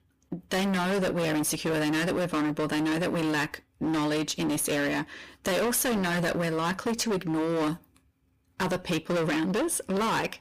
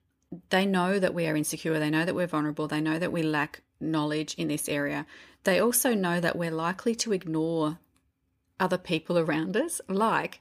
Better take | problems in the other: second | distortion; heavy; 30% of the sound clipped

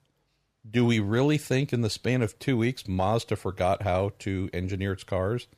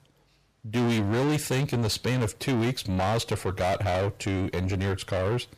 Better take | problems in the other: first | distortion; heavy; 6 dB below the speech

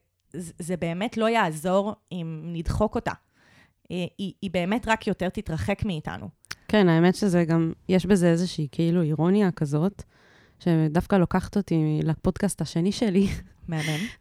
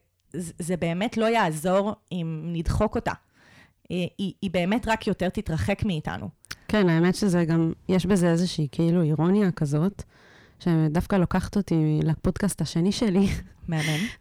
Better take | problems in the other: first | distortion; slight; 9 dB below the speech

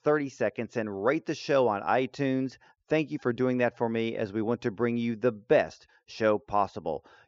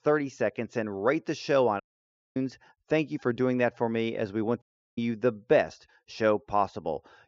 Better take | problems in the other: first | audio cutting out; at 2 s for 0.5 s and at 4.5 s

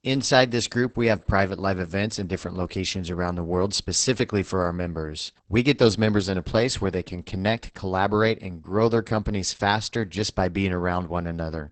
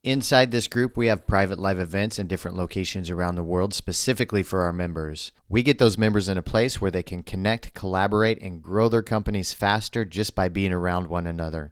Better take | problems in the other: second | garbled, watery; badly; nothing above 8 kHz; slightly in the second

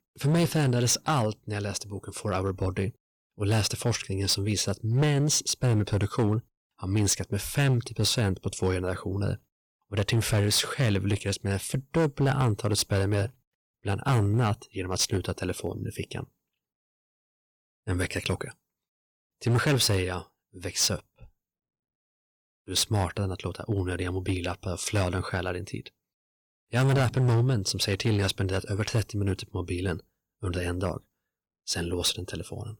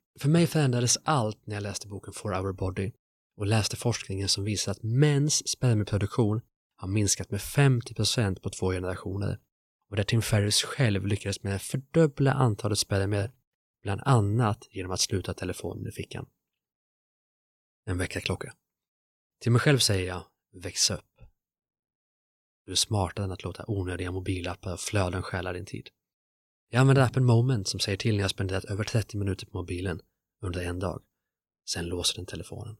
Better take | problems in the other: second | distortion; slight; 6% of the sound clipped

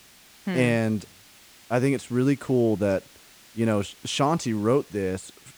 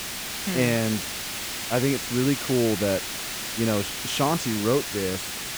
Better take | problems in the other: first | hiss; loud; throughout; 4 dB below the speech; faint in the first

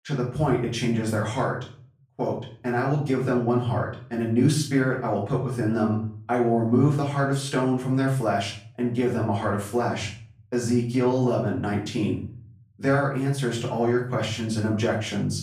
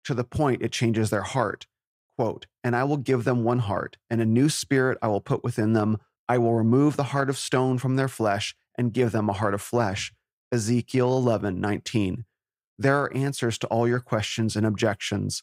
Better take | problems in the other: second | off-mic speech; far // room echo; slight; dies away in 0.4 s

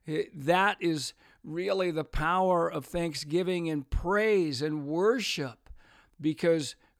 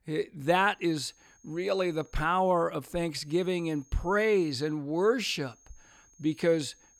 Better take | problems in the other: first | high-pitched whine; faint; from 1 to 2 s, from 3.5 to 4.5 s and from 5.5 s on; 6.5 kHz, 30 dB below the speech

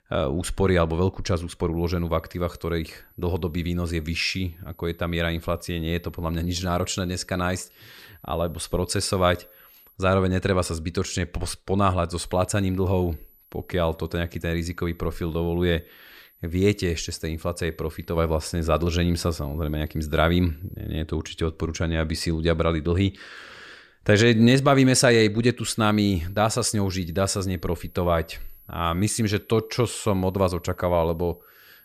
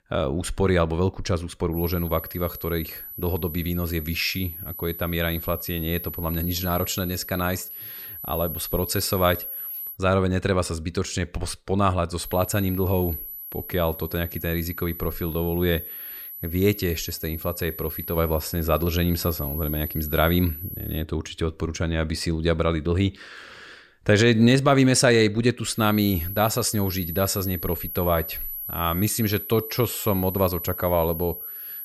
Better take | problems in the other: first | high-pitched whine; loud; from 1.5 to 10 s, from 12 to 21 s and from 26 s on; 12 kHz, 8 dB below the speech; faint in the first

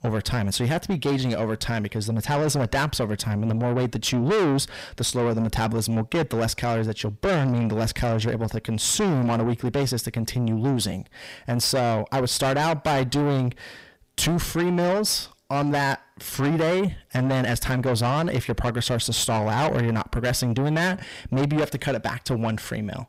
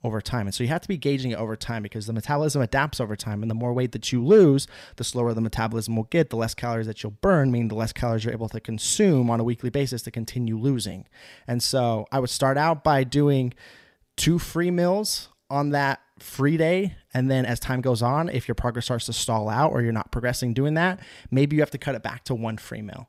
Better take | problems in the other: second | distortion; heavy; 6 dB below the speech

